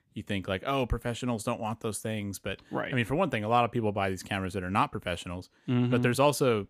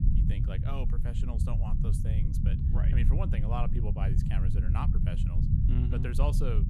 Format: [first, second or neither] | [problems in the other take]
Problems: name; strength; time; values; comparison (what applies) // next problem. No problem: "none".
first | low rumble; loud; throughout; 1 dB below the speech